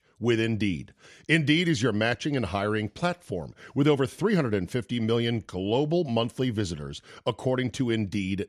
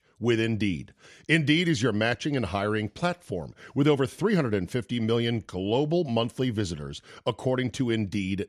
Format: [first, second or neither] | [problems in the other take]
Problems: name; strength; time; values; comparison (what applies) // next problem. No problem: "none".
neither | none